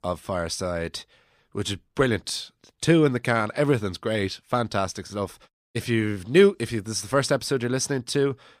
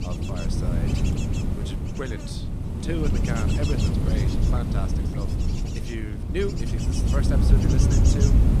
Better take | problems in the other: first | wind noise on the microphone; heavy; 2 dB above the speech

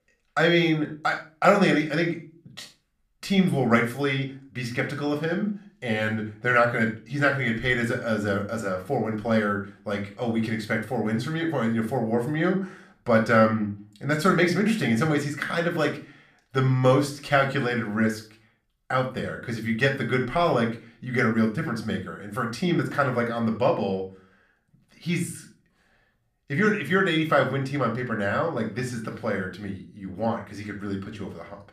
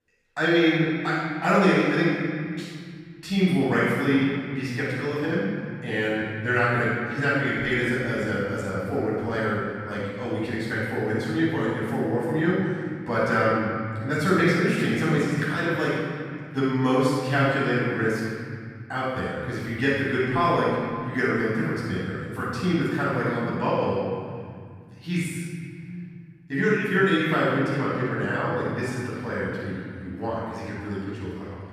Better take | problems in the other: first | room echo; strong; dies away in 2.4 s; slight in the first // off-mic speech; far; somewhat distant in the first

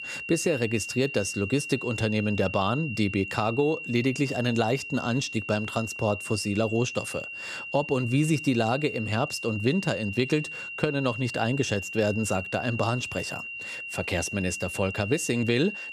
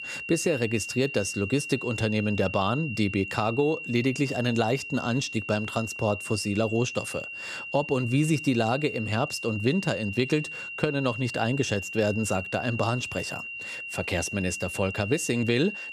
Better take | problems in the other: neither | high-pitched whine; loud; throughout; 3 kHz, 7 dB below the speech; the same in both

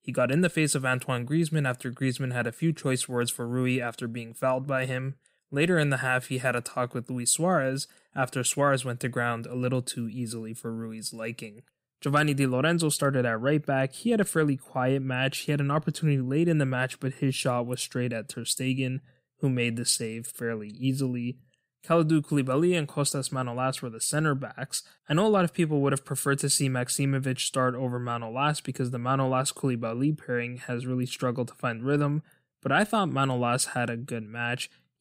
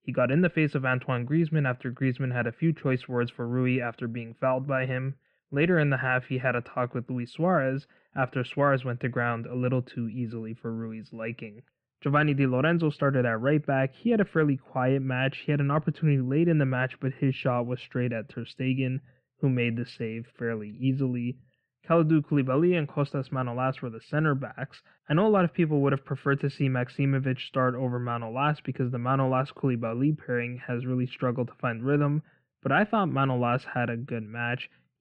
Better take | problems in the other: first | muffled; very; fading above 2.5 kHz

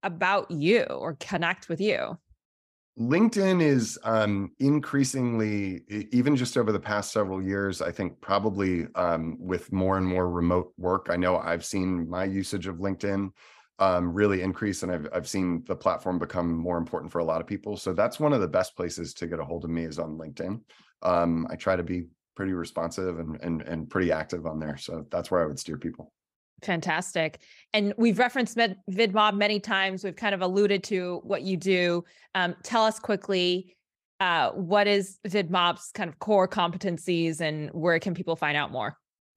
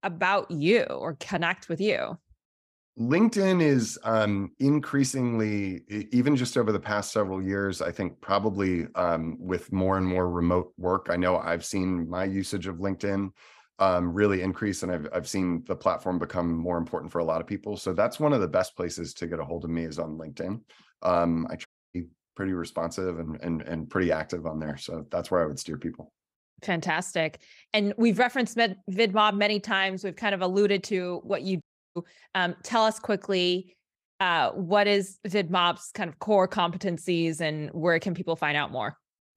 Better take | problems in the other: first | audio cutting out; at 22 s and at 32 s

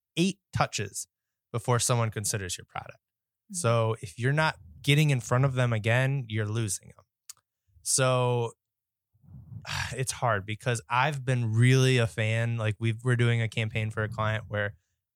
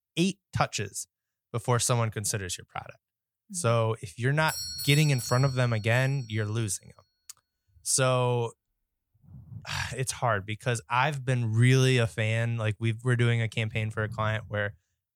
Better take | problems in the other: first | doorbell; noticeable; from 4.5 to 6 s; peak 5 dB below the speech

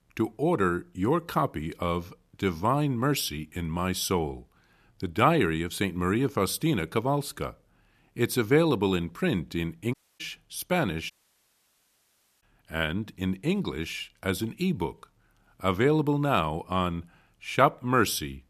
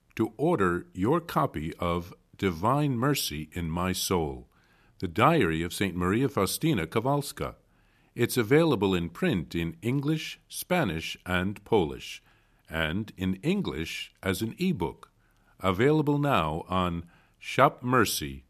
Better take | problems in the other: second | audio cutting out; at 10 s and at 11 s for 1.5 s

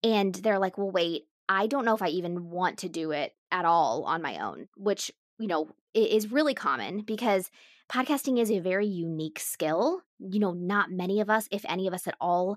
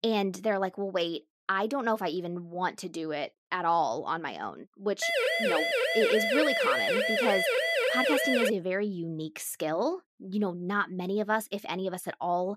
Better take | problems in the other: first | siren; loud; from 5 to 8.5 s; peak 5 dB above the speech

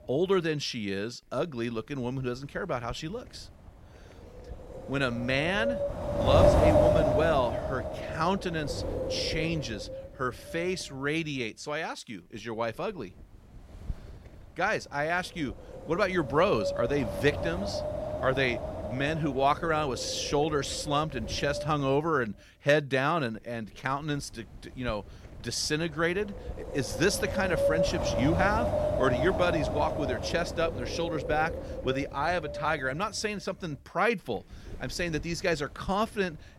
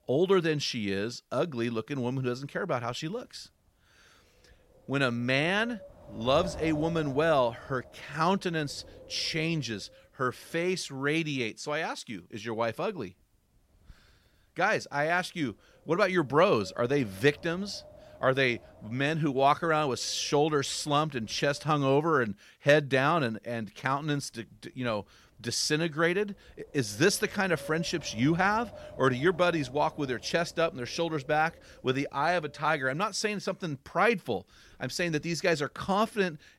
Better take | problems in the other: second | wind noise on the microphone; heavy; 2 dB below the speech; occasional gusts in the second

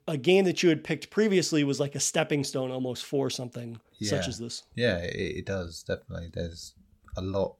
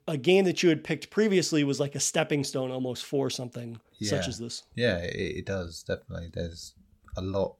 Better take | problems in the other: neither | none

